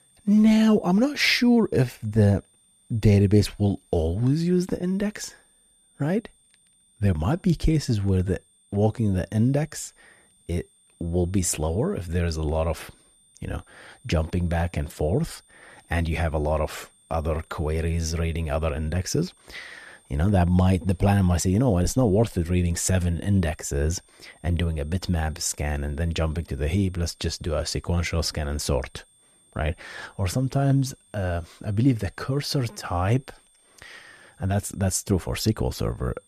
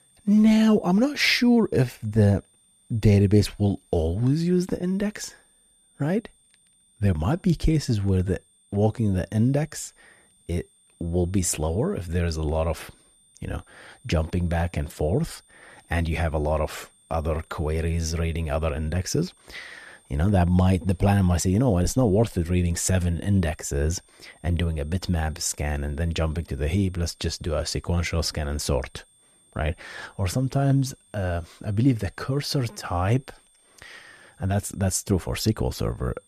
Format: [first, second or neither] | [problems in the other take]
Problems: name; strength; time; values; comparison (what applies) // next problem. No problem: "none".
neither | high-pitched whine; faint; throughout; 8.5 kHz, 30 dB below the speech; the same in both